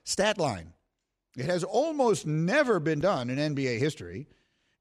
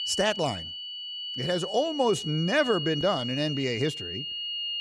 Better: first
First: none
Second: high-pitched whine; loud; throughout; 3 kHz, 5 dB below the speech

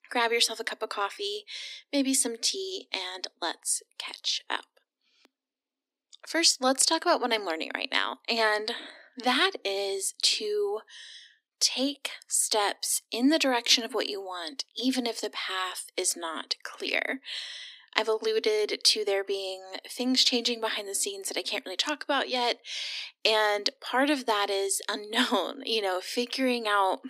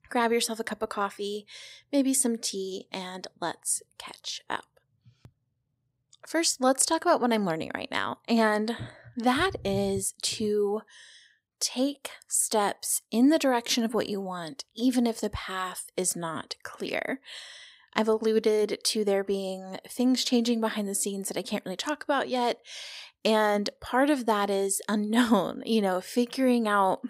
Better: second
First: thin; very slightly; fading below 250 Hz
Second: none

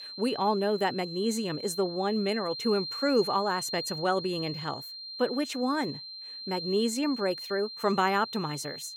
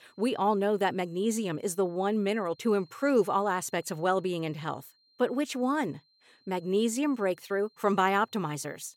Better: second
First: high-pitched whine; loud; throughout; 4 kHz, 8 dB below the speech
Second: high-pitched whine; faint; throughout; 4 kHz, 35 dB below the speech

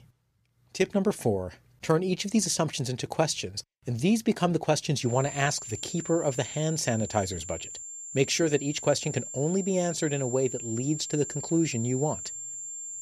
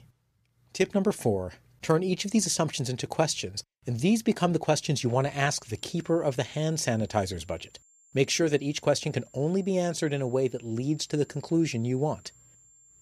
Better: second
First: high-pitched whine; loud; from 5 s on; 7.5 kHz, 8 dB below the speech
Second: high-pitched whine; faint; from 5 s on; 7.5 kHz, 30 dB below the speech

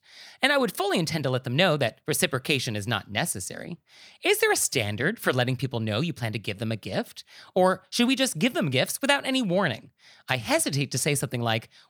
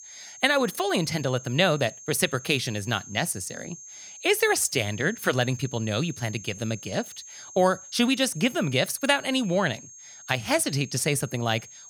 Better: first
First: none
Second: high-pitched whine; noticeable; throughout; 6.5 kHz, 15 dB below the speech

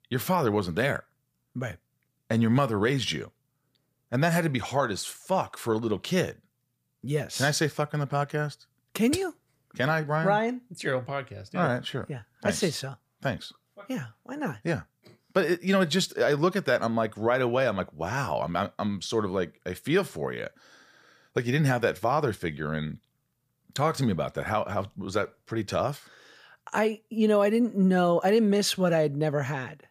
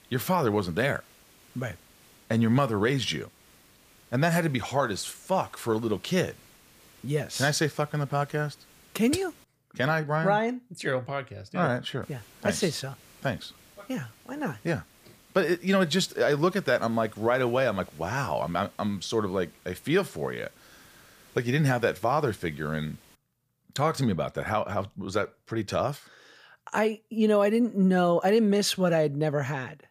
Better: first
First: none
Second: hiss; faint; until 9.5 s and from 12 to 23 s; 25 dB below the speech

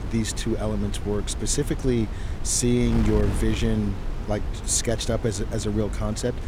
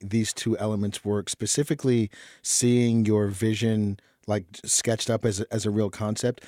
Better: second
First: wind noise on the microphone; occasional gusts; 10 dB below the speech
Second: none

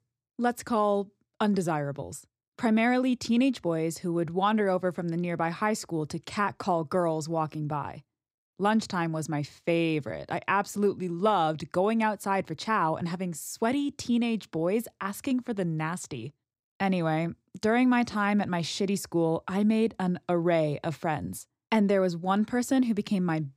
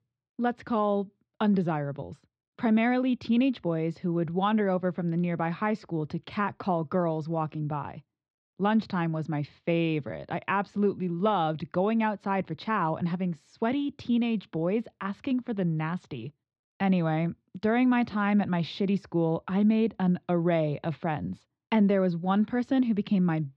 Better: first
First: none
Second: muffled; slightly; fading above 3.5 kHz

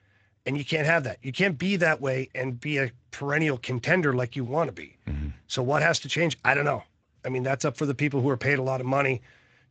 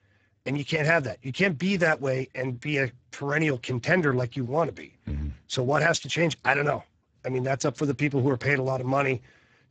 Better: first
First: garbled, watery; slightly; nothing above 7.5 kHz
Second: garbled, watery; badly; nothing above 7.5 kHz

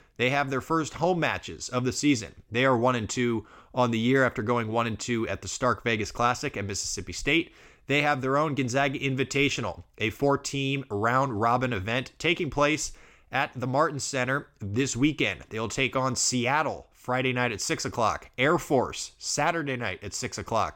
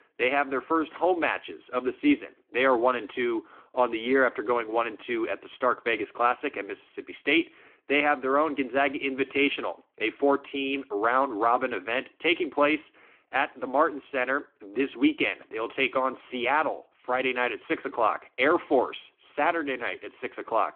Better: first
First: none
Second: phone-call audio

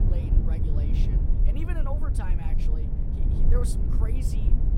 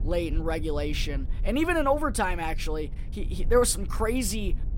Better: second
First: low rumble; loud; throughout; as loud as the speech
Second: low rumble; faint; throughout; 25 dB below the speech

